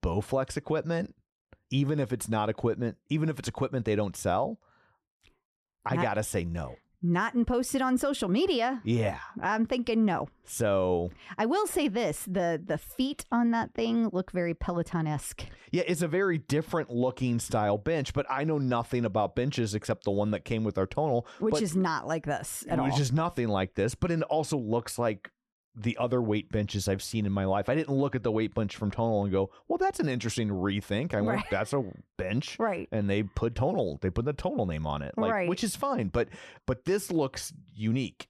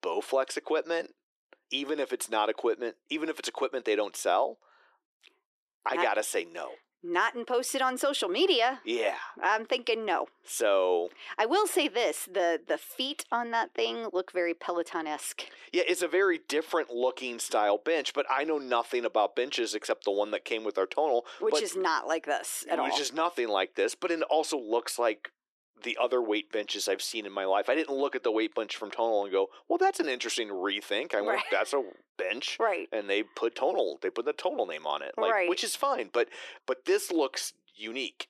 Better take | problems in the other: first | thin; very; fading below 350 Hz

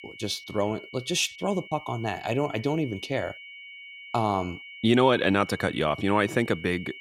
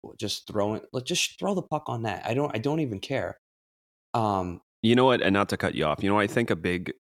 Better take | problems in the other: second | high-pitched whine; noticeable; throughout; 2 kHz, 15 dB below the speech

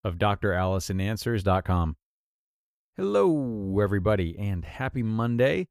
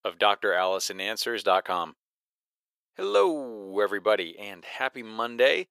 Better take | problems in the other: first | thin; very; fading below 450 Hz

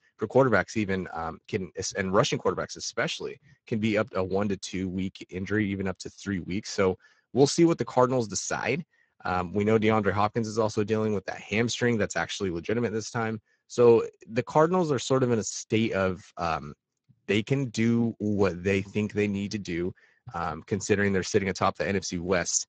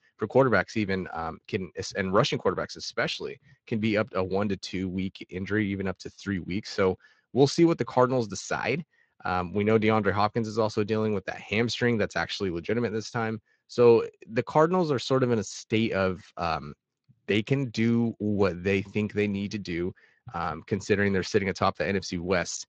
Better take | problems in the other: second | garbled, watery; badly; nothing above 7.5 kHz; slightly in the second

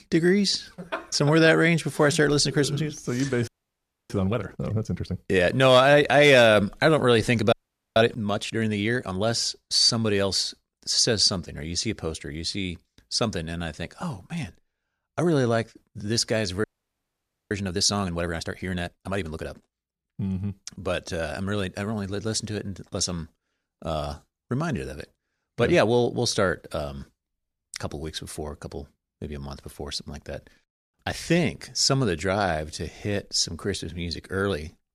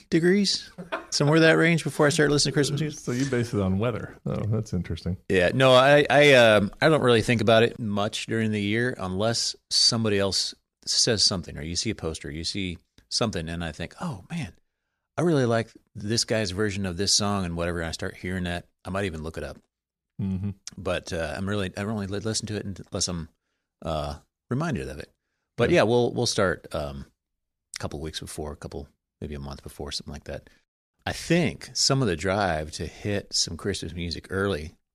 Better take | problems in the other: second | audio freezing; at 3.5 s for 0.5 s, at 7.5 s and at 17 s for 1 s

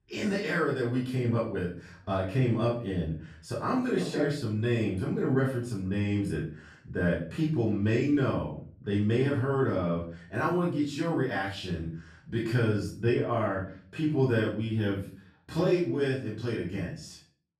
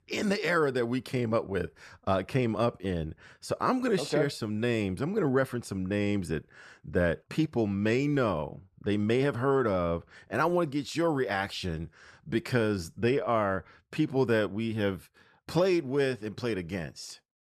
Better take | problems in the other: second | room echo; noticeable; dies away in 0.4 s // off-mic speech; far

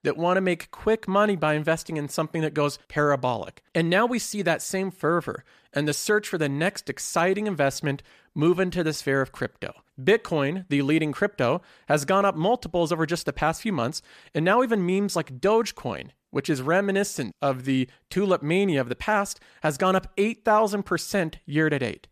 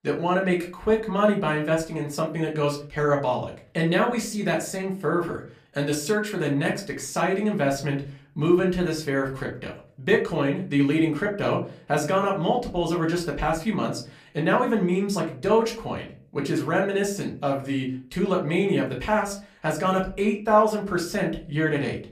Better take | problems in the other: first | off-mic speech; far // room echo; very slight; dies away in 0.3 s

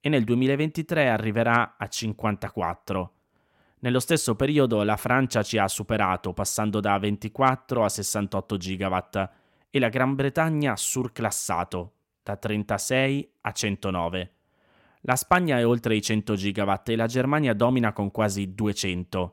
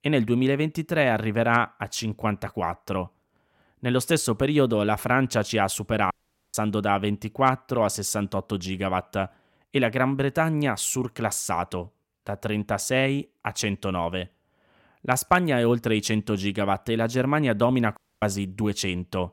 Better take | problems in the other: first | audio cutting out; at 6 s and at 18 s

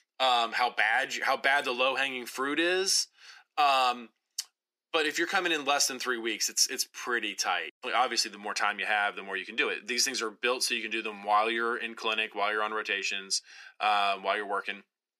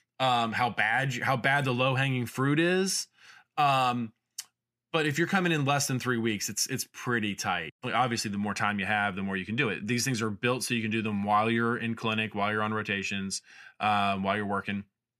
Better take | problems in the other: second | thin; very; fading below 350 Hz

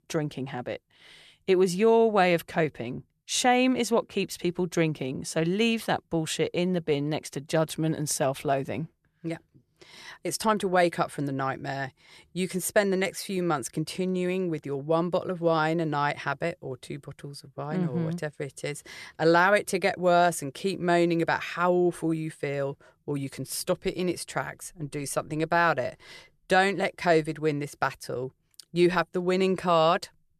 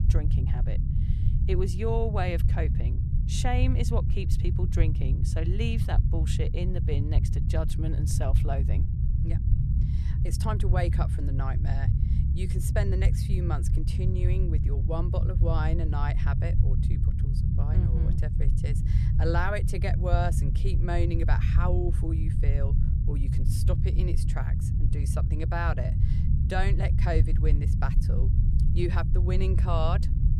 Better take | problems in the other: first | low rumble; loud; throughout; 6 dB below the speech

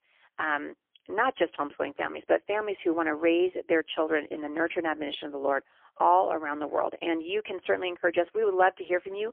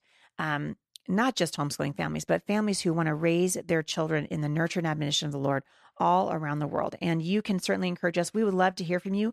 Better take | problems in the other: second | phone-call audio; poor line; nothing above 3.5 kHz

